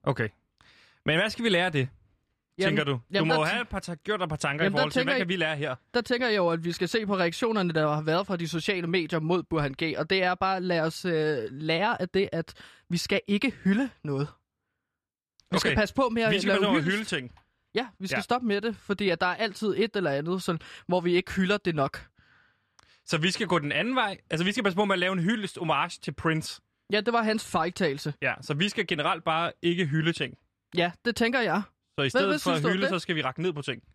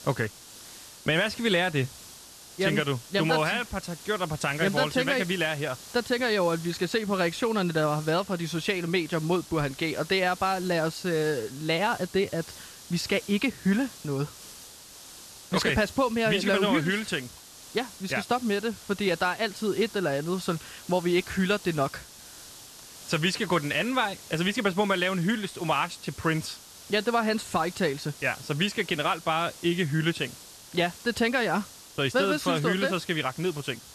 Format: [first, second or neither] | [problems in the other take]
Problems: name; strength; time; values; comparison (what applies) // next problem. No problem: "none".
first | hiss; noticeable; throughout; 15 dB below the speech